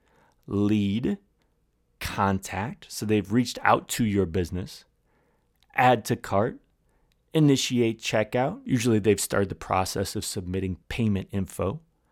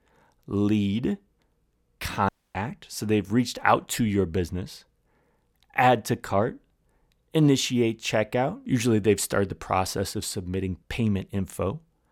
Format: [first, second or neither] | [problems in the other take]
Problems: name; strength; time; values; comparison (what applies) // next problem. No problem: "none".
first | audio cutting out; at 2.5 s